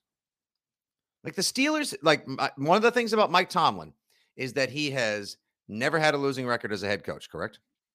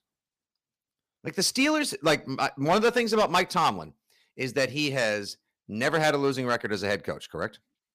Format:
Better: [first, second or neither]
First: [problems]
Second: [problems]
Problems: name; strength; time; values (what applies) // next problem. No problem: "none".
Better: first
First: none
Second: distortion; slight; 3% of the sound clipped